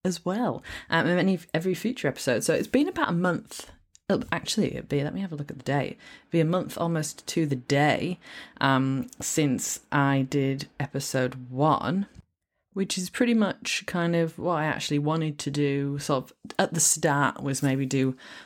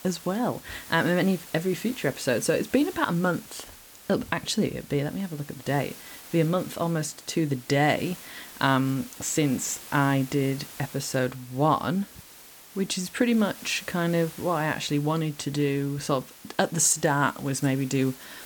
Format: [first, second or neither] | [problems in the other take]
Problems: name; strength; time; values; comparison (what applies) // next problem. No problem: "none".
first | hiss; noticeable; throughout; 15 dB below the speech